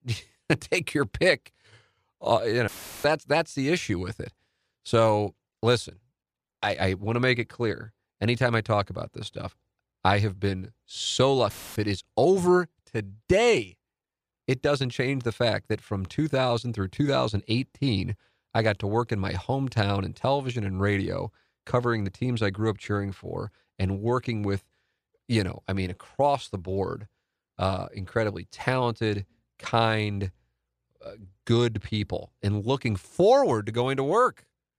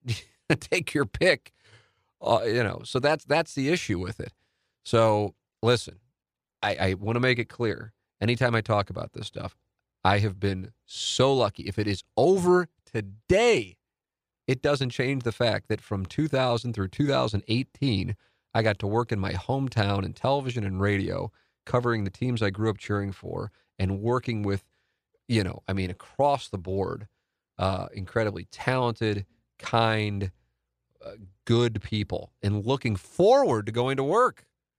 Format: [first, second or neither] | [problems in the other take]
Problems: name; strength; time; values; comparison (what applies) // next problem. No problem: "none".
second | audio cutting out; filled with static; at 2.5 s and at 12 s